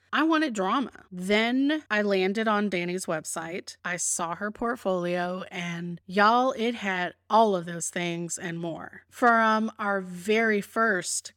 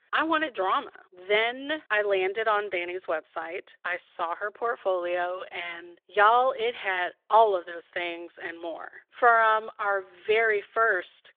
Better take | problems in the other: first | phone-call audio

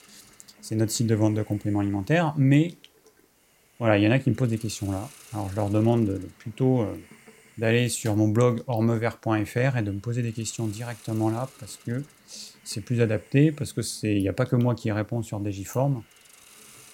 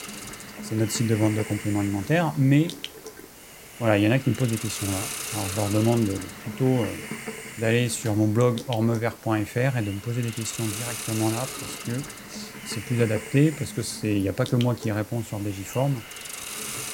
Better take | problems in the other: first | hiss; loud; throughout; 10 dB below the speech; faint in the first

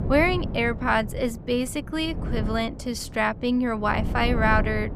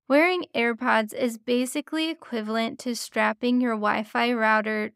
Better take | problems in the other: second | wind noise on the microphone; occasional gusts; 15 dB below the speech

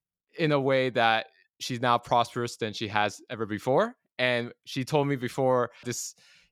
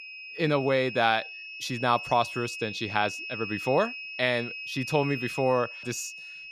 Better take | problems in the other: first | high-pitched whine; loud; throughout; 2.5 kHz, 8 dB below the speech

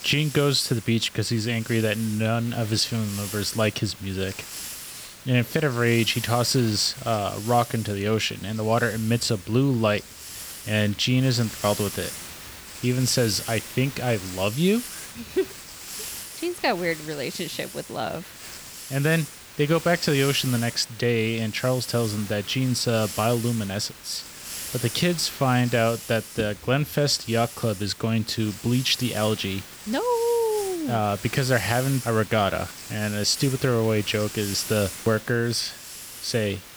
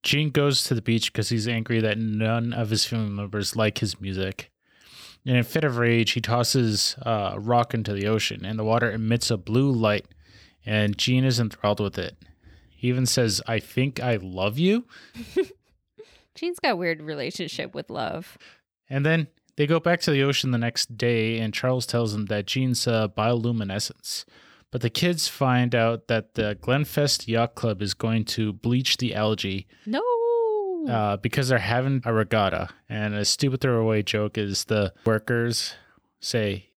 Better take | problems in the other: second | hiss; noticeable; throughout; 10 dB below the speech

